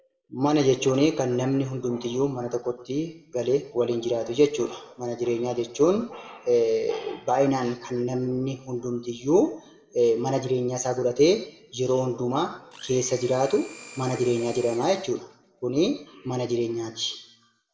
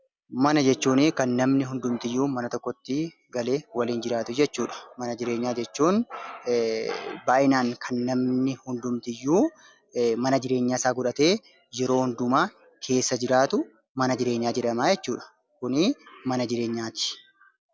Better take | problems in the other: second | background sound (Domestic sounds, home sounds); 19 dB below the speech // room echo; dies away in 0.6 s

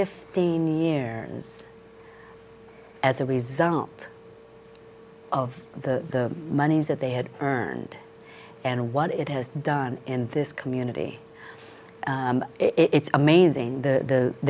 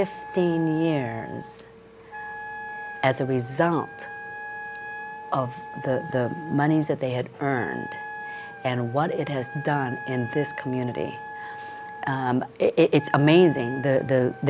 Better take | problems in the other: first | background sound (Wind instrument, woodwind instrument); 13 dB below the speech

